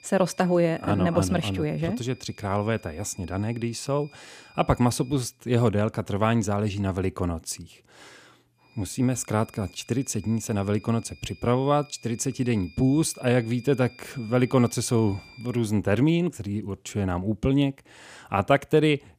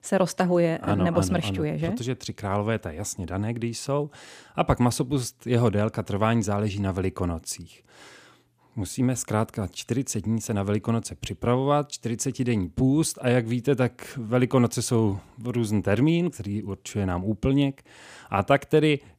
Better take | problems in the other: second | high-pitched whine; faint; until 5.5 s and from 8.5 to 16 s; 2.5 kHz, 25 dB below the speech

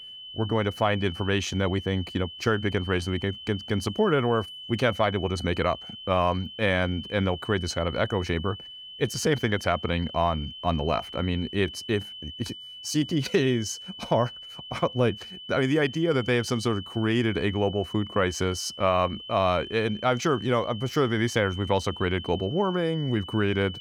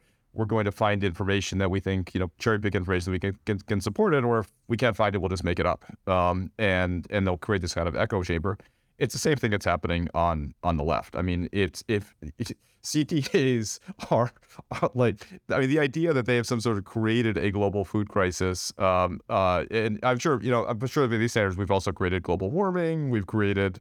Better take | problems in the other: second | high-pitched whine; noticeable; throughout; 3 kHz, 10 dB below the speech

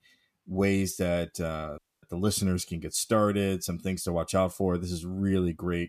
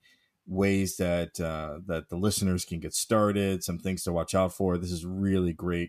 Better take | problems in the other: second | audio cutting out; at 2 s

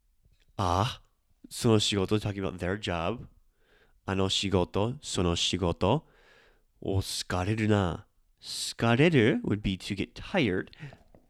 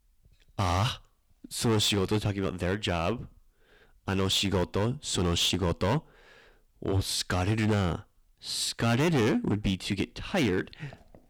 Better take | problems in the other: first | distortion; heavy; 9% of the sound clipped

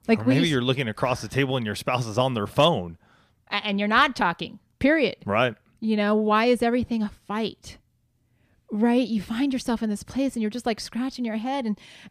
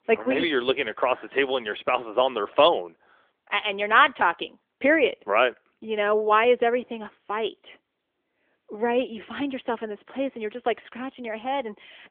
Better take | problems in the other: first | phone-call audio; nothing above 3.5 kHz

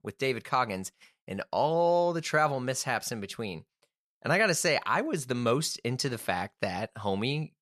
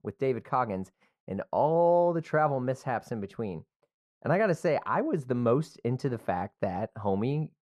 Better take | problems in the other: first | muffled; very; fading above 2 kHz

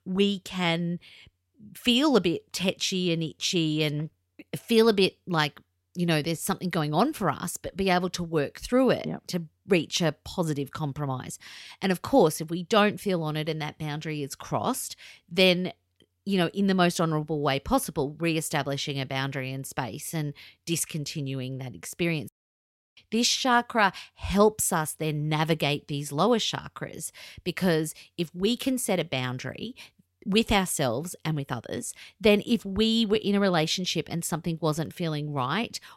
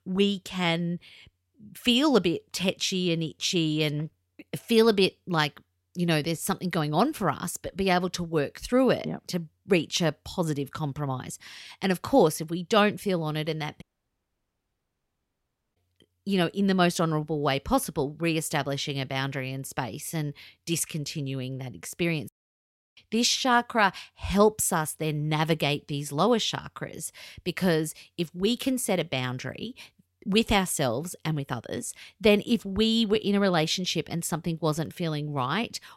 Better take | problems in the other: first | audio cutting out; at 14 s for 2 s

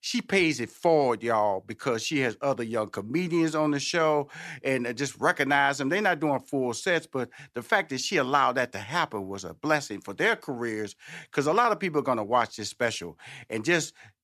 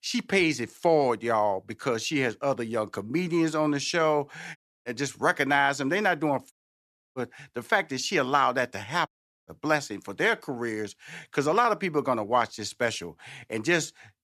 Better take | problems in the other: first | audio cutting out; at 4.5 s, at 6.5 s for 0.5 s and at 9 s

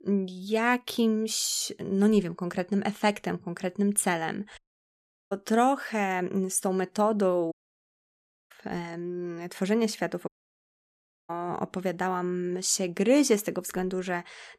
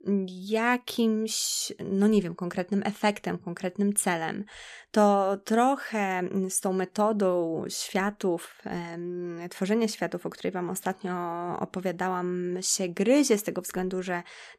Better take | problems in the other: second | audio cutting out; at 4.5 s for 0.5 s, at 7.5 s for 1 s and at 10 s for 1 s

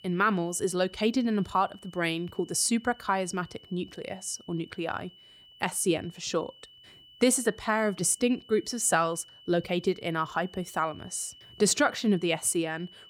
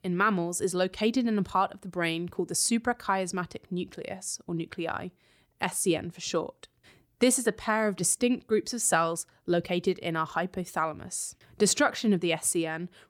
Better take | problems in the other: second | high-pitched whine; faint; throughout; 3 kHz, 25 dB below the speech

